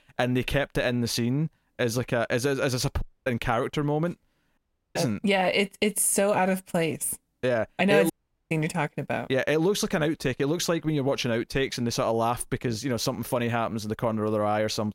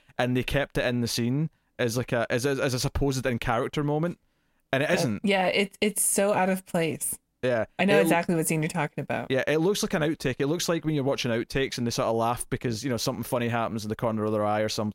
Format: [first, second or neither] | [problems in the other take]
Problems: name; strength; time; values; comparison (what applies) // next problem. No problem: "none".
second | audio cutting out; at 3 s, at 4.5 s and at 8 s